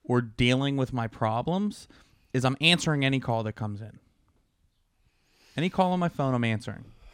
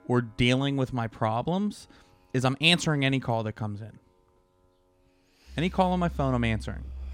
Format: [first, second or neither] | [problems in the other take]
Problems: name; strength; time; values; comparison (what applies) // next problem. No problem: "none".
first | background music; noticeable; throughout; 15 dB below the speech